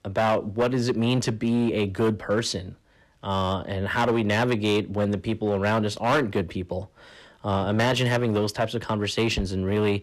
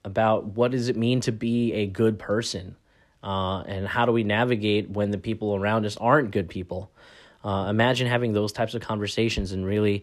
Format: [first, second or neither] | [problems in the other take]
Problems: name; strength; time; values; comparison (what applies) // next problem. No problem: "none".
second | distortion; slight; 8% of the sound clipped